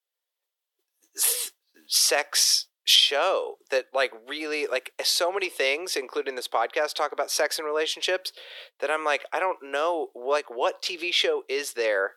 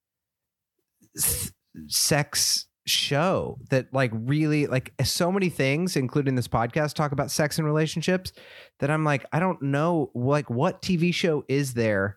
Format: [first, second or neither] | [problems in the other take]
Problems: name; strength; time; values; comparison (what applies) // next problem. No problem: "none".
second | thin; very; fading below 400 Hz